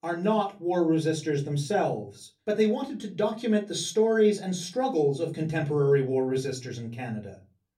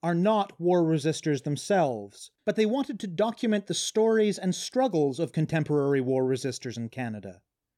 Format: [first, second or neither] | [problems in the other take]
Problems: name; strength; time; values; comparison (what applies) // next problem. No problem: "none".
second | off-mic speech; far // room echo; very slight; dies away in 0.2 s